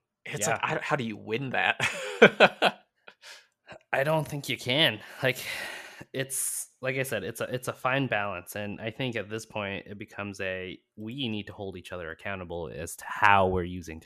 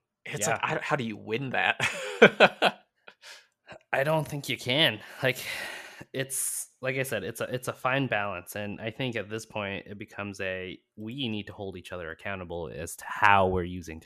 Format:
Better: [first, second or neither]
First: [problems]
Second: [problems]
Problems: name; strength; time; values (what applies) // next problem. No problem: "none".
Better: neither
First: none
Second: none